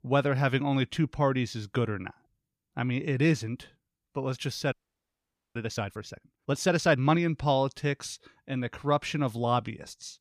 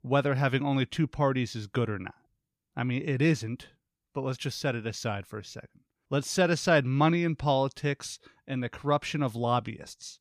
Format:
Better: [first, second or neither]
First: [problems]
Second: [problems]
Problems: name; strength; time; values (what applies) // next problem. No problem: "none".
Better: second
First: audio freezing; at 4.5 s for 1 s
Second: none